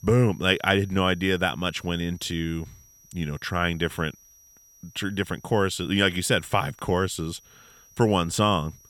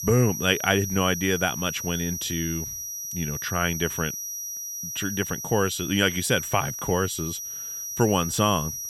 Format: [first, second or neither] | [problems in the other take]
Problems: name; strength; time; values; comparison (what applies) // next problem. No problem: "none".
first | high-pitched whine; loud; throughout; 5.5 kHz, 5 dB below the speech; faint in the first